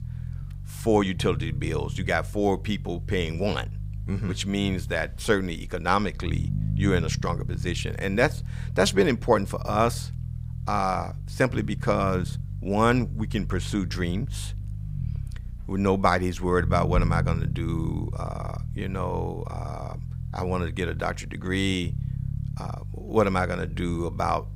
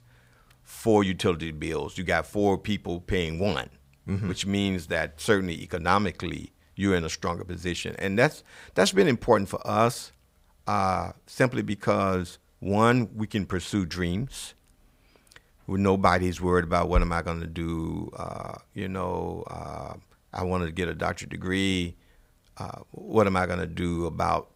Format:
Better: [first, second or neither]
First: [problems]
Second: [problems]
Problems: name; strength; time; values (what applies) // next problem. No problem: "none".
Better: second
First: low rumble; noticeable; throughout; 20 dB below the speech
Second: none